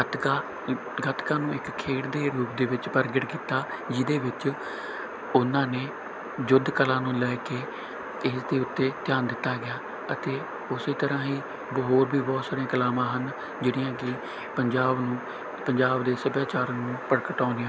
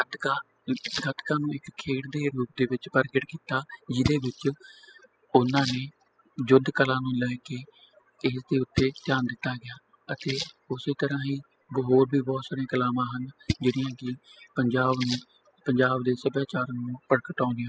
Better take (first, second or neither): first